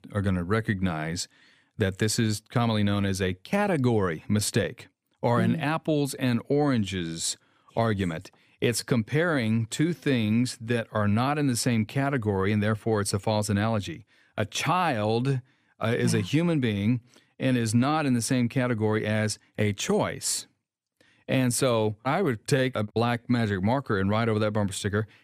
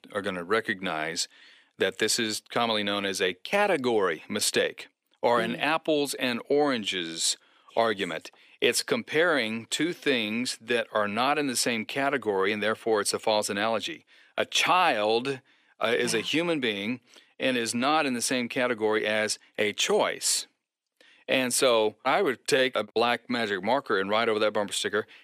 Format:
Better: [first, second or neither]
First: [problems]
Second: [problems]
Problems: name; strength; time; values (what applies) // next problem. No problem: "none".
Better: first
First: none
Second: thin; somewhat; fading below 400 Hz